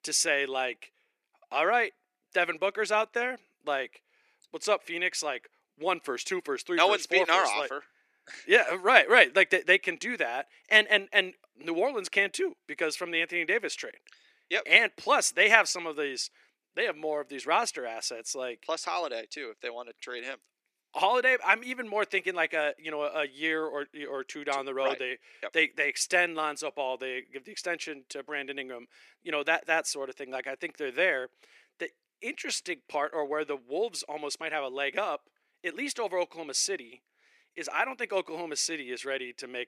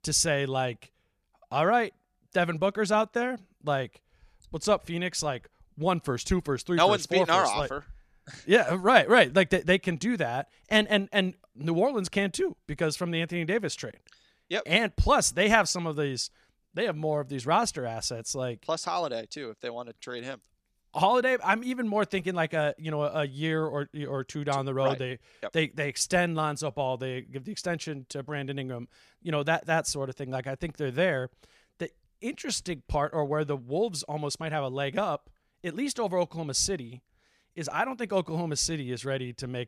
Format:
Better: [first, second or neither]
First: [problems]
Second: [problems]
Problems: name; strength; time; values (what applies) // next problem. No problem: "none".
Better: second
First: thin; somewhat; fading below 350 Hz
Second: none